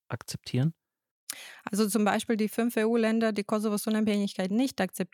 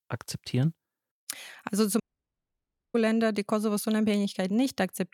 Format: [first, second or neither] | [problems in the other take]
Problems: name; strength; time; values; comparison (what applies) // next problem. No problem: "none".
first | audio cutting out; at 2 s for 1 s